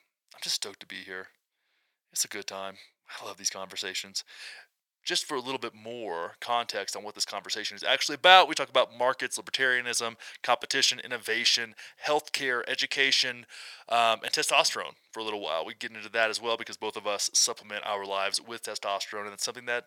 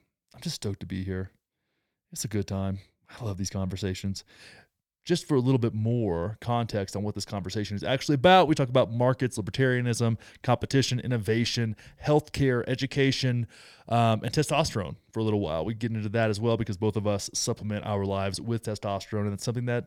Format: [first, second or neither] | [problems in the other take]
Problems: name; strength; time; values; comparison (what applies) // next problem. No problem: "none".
second | thin; very; fading below 850 Hz